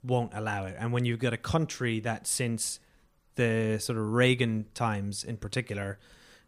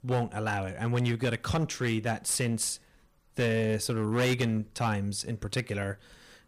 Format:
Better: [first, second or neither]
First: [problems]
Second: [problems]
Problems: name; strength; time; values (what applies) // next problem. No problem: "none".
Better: first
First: none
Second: distortion; slight; 8% of the sound clipped